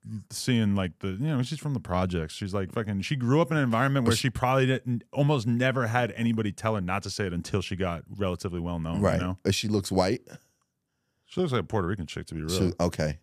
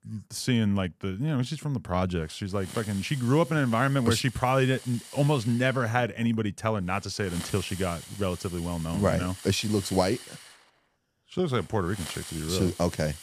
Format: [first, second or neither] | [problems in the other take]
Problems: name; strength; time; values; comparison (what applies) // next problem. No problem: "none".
first | hiss; noticeable; from 2 s on; 15 dB below the speech